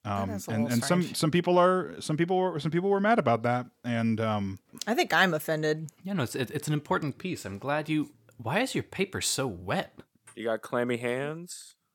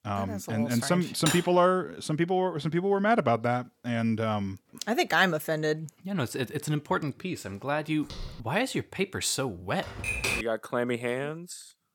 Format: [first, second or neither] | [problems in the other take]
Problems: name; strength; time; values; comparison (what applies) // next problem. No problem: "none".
first | clattering dishes; noticeable; at 1.5 s; peak 2 dB below the speech // footsteps; faint; at 8 s; peak 15 dB below the speech // keyboard typing; loud; at 10 s; peak level with the speech